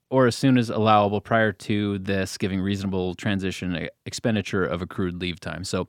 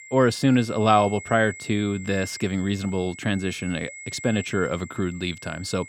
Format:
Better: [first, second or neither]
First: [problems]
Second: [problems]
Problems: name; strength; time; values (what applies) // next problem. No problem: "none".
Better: first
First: none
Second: high-pitched whine; noticeable; throughout; 2 kHz, 15 dB below the speech